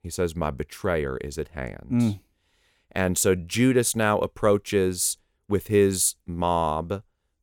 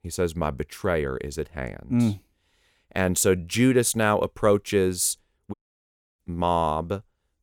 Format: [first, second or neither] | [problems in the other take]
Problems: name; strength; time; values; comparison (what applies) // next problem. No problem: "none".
first | audio cutting out; at 5.5 s for 0.5 s